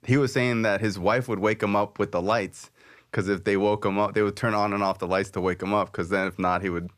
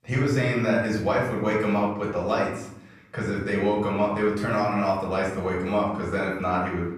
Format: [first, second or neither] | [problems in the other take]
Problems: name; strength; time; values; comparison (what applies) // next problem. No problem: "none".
first | room echo; noticeable; dies away in 0.7 s // off-mic speech; far